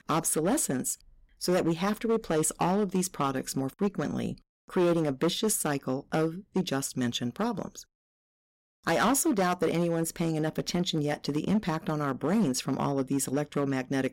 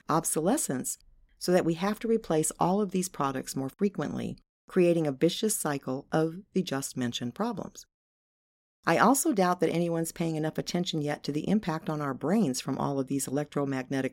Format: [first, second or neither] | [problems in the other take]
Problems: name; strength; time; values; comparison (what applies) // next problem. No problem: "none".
second | distortion; slight; 7% of the sound clipped